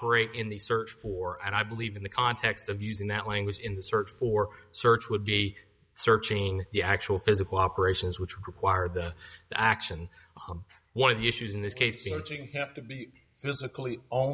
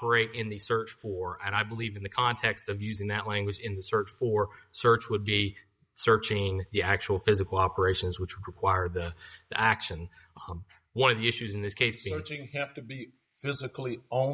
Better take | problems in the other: first | noise reduction (neural mask model Resemble Enhance denoiser)

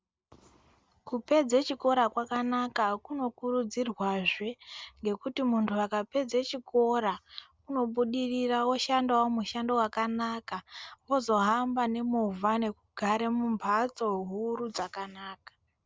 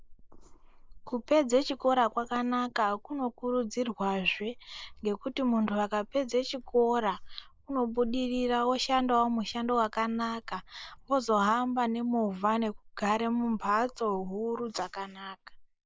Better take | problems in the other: first | noise reduction (neural mask model Resemble Enhance denoiser)

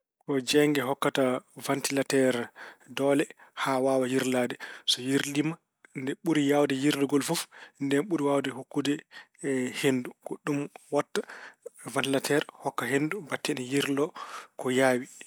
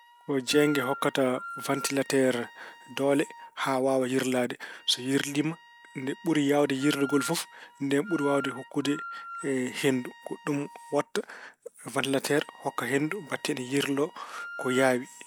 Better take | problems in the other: first | background sound (Wind instrument, woodwind instrument); 16 dB below the speech

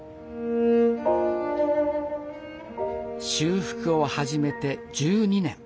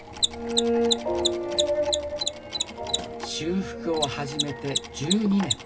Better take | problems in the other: first | background sound (Mechanisms); 3 dB below the speech // room echo; dies away in 0.4 s

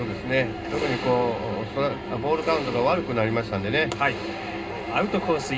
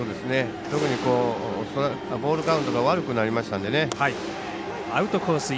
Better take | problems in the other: second | background sound (Engine); 19 dB below the speech // room echo; dies away in 0.2 s

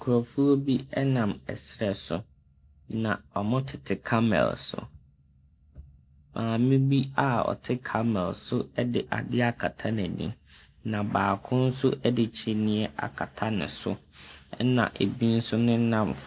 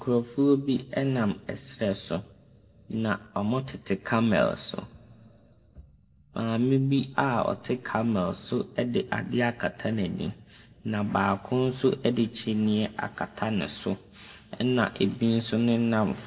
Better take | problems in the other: first | room echo; dies away in 1 s

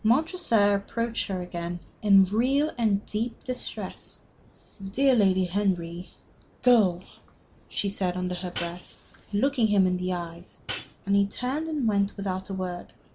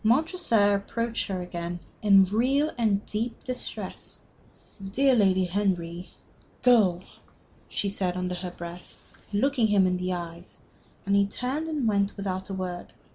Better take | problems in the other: second | background sound (Hi-hat); 11 dB below the speech

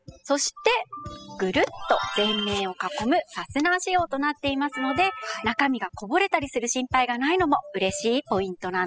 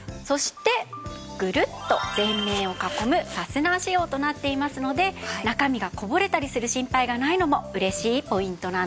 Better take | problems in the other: second | noise reduction (classical method spectral subtraction)

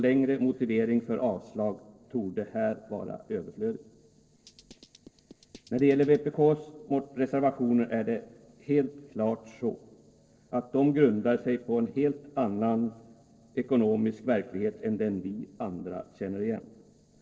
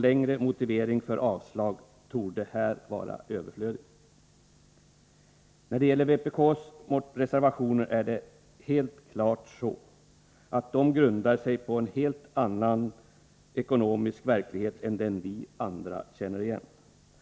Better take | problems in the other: second | noise reduction (neural separator model SepFormer DNS4)

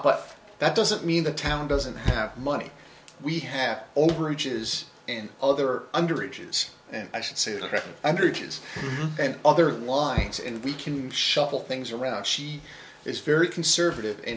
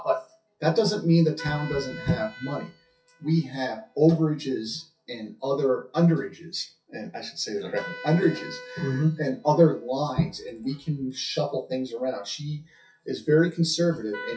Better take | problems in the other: first | noise reduction (classical method WPE with log-MMSE)

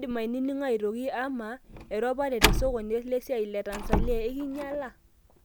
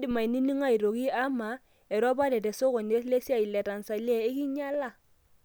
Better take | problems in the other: second | background sound (Slam); 1 dB below the speech

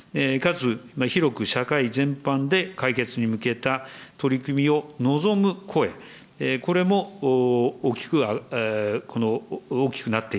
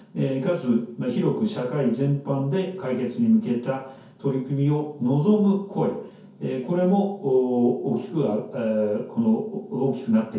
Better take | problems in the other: first | room echo; dies away in 0.6 s

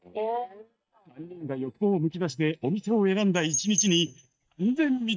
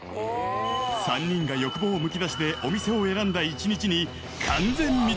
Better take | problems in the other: second | noise reduction (neural mask model DeepFilterNet 3)

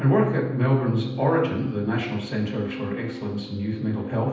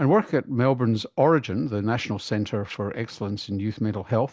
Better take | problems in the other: second | background sound (Organ); 9 dB below the speech // room echo; dies away in 0.9 s

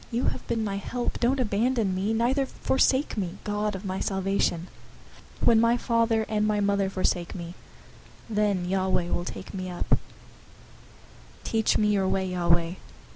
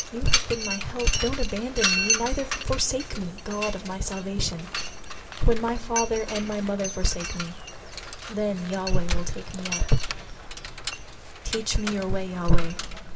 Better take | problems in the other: first | background sound (Mechanisms); 8 dB below the speech // room echo; dies away in 2.8 s

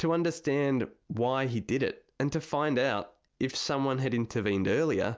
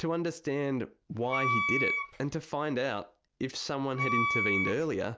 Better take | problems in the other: first | background sound (Wind instrument, woodwind instrument); 1 dB above the speech

